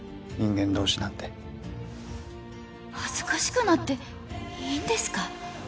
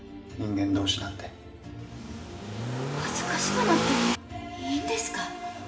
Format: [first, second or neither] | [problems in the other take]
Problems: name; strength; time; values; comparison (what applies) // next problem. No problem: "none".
first | background sound (Accelerating, revving, vroom / Car); 2 dB above the speech // room echo; dies away in 0.8 s